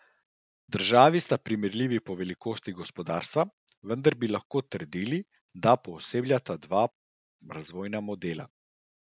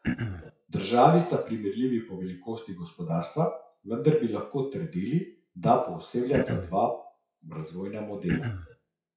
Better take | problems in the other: first | noise reduction (classical method WPE with log-MMSE)

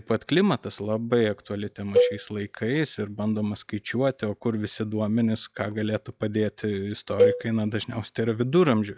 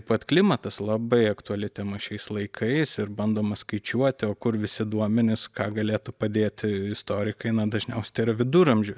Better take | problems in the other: second | noise reduction (classical method log-MMSE)

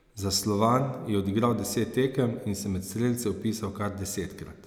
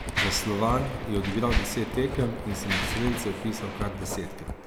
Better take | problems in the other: first | background sound (Writing + Mechanisms); 2 dB below the speech

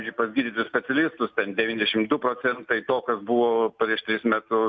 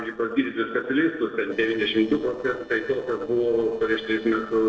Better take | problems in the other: first | noise reduction (neural separator model SepFormer DNS4)

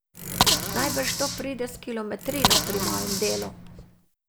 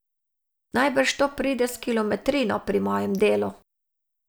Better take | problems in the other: second | background sound (Bicycle); 4 dB above the speech

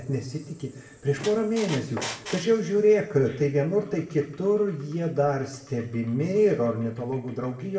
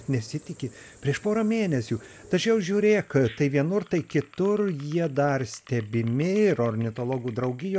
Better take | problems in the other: second | background sound (Squeak); 10 dB below the speech // room echo; dies away in 0.6 s

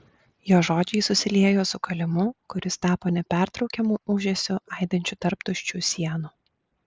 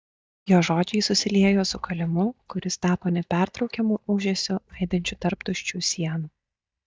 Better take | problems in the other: first | noise reduction (neural mask model DeepFilterNet 3)

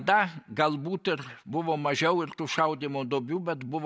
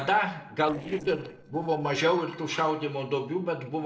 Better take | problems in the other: first | noise reduction (neural separator model SepFormer DNS4)

